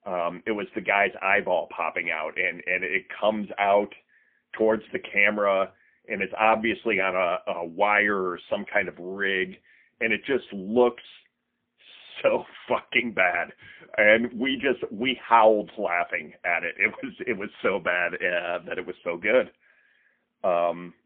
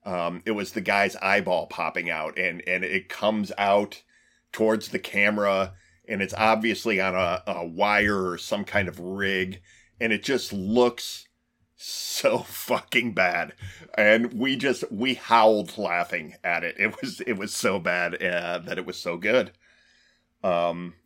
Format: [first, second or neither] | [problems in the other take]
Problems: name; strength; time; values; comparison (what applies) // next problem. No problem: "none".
second | phone-call audio; poor line; nothing above 3 kHz